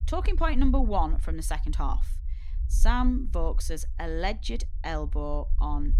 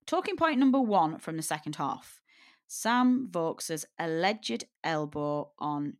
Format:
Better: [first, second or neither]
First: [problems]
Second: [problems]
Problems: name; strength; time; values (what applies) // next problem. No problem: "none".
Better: second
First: low rumble; faint; throughout; 20 dB below the speech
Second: none